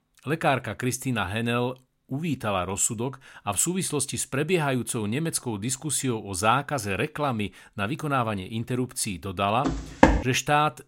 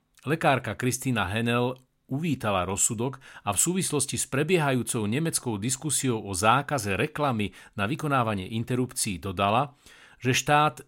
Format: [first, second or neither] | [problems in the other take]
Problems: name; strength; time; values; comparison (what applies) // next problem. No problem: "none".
second | footsteps; loud; at 9.5 s; peak 6 dB above the speech